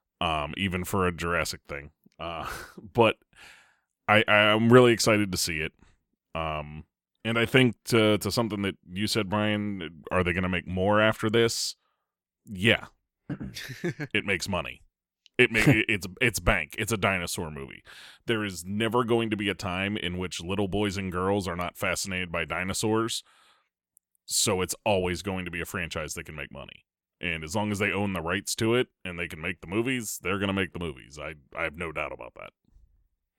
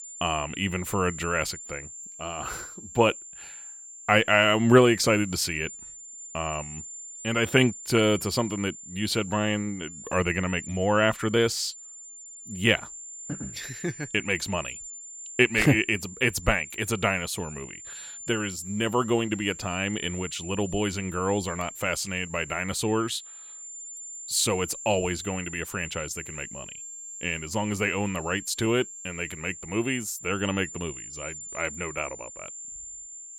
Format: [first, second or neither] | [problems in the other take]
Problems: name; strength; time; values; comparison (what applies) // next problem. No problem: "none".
first | high-pitched whine; noticeable; throughout; 7 kHz, 10 dB below the speech